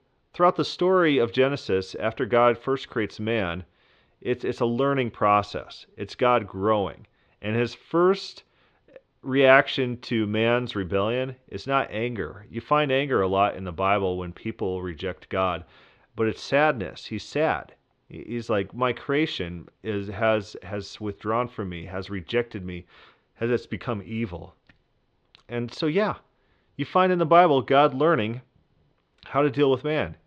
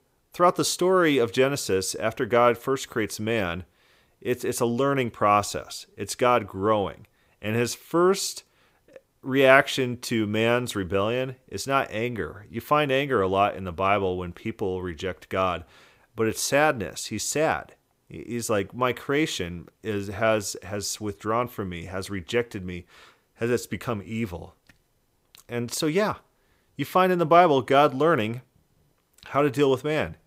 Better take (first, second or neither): second